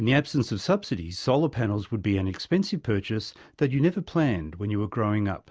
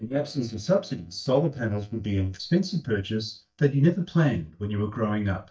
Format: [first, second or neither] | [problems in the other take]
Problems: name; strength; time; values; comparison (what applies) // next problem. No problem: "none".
first | noise reduction (neural mask model DeepFilterNet 3)